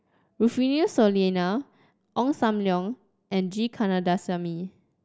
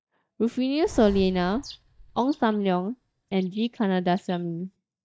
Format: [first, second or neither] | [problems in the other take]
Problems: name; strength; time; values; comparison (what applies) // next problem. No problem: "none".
first | noise reduction (neural mask model DeepFilterNet 3)